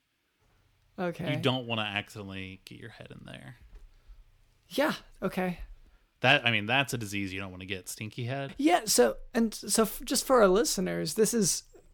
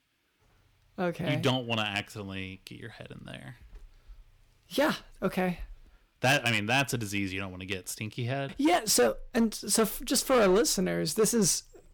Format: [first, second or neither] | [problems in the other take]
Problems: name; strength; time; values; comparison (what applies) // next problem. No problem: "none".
first | distortion; slight; 3% of the sound clipped